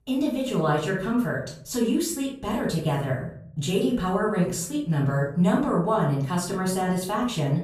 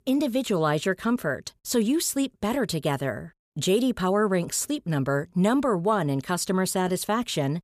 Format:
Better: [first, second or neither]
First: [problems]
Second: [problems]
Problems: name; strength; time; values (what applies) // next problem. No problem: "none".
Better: second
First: room echo; noticeable; dies away in 0.6 s // off-mic speech; far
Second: none